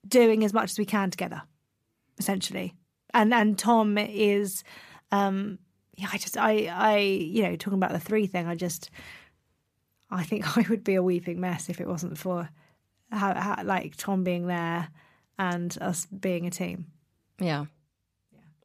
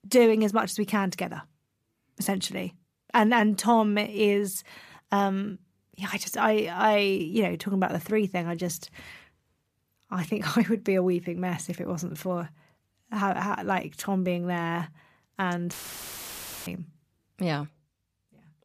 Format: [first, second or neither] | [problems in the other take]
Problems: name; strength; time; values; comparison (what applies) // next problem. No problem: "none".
first | audio cutting out; filled with static; at 16 s for 1 s